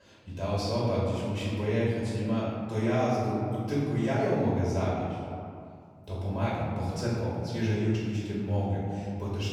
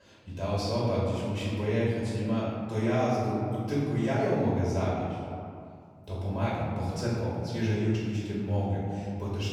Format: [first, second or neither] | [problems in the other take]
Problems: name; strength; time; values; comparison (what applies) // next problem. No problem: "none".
neither | off-mic speech; far; the same in both // room echo; strong; dies away in 2.3 s; the same in both